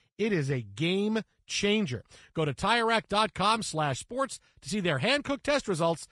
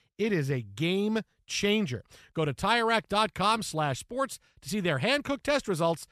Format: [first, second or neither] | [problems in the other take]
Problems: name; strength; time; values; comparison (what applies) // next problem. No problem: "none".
second | garbled, watery; slightly; nothing above 10.5 kHz